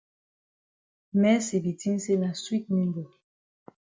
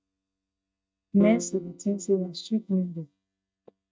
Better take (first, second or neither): first